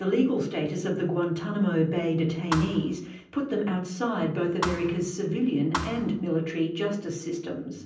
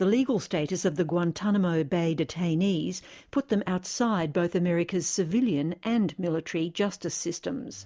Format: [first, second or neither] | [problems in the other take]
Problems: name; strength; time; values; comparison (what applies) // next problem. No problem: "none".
second | background sound (Thump, thud); 10 dB below the speech // room echo; dies away in 0.6 s